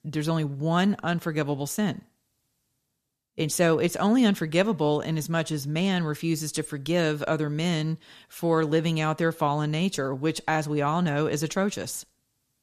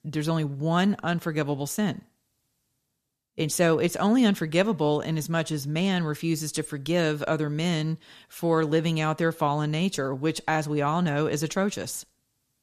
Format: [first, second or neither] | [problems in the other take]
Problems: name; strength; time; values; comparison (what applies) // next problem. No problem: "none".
neither | none